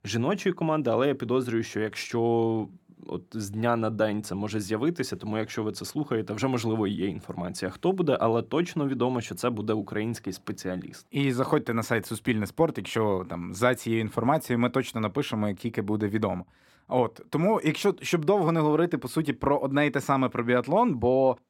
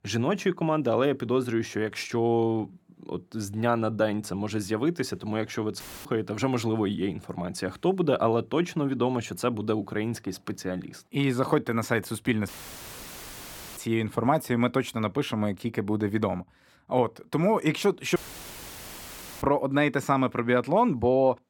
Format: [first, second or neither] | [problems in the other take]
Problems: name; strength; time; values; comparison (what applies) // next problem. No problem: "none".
first | audio cutting out; filled with static; at 6 s, at 12 s for 1.5 s and at 18 s for 1.5 s